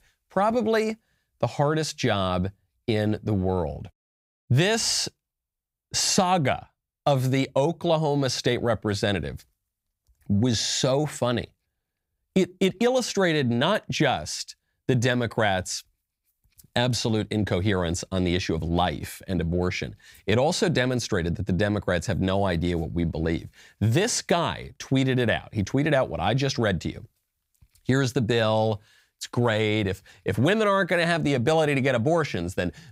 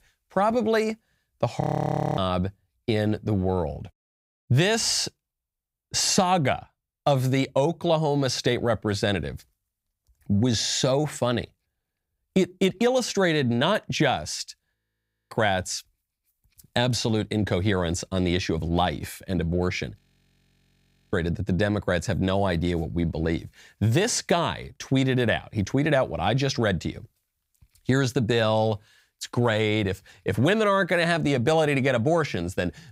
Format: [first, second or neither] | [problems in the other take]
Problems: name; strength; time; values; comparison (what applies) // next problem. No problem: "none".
first | audio freezing; at 1.5 s for 0.5 s, at 15 s for 0.5 s and at 20 s for 1 s